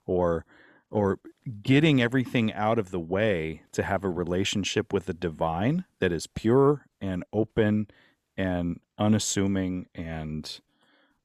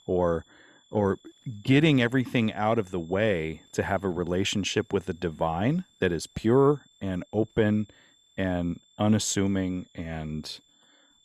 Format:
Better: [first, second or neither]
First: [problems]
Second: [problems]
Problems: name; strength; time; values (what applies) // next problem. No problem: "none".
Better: first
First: none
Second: high-pitched whine; faint; throughout; 3.5 kHz, 30 dB below the speech